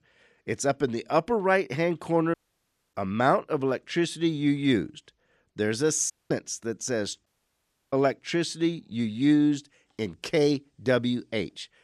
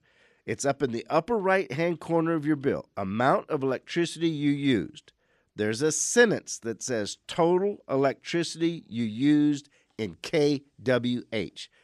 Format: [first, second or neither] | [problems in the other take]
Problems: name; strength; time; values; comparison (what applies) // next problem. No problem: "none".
second | audio cutting out; at 2.5 s for 0.5 s, at 6 s and at 7.5 s for 0.5 s